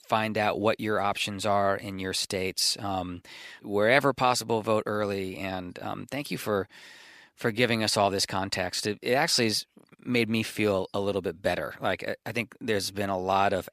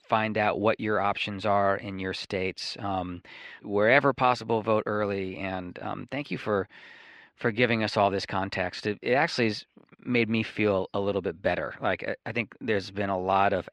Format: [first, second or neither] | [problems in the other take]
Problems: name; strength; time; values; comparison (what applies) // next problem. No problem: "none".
first | muffled; slightly; fading above 2.5 kHz